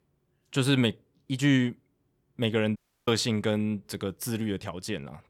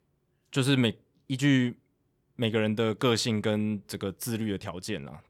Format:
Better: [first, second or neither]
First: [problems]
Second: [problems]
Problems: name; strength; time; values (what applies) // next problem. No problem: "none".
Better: second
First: audio cutting out; at 3 s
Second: none